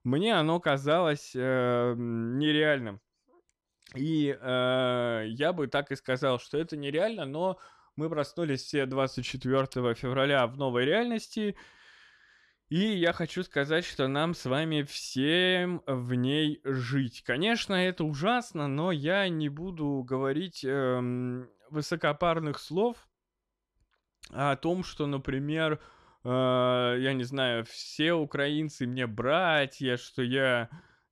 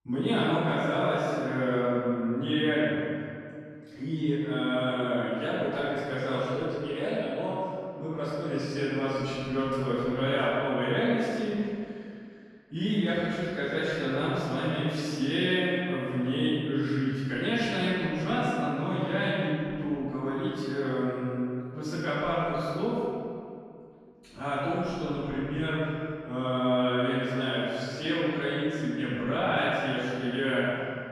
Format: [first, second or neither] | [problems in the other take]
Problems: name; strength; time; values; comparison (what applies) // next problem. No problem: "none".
first | off-mic speech; far // room echo; strong; dies away in 2.1 s